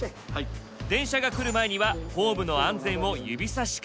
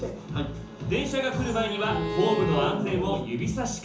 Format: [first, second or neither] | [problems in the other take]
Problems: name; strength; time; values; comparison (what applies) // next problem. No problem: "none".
first | background sound (Bowed string instrument); 8 dB below the speech // room echo; dies away in 0.7 s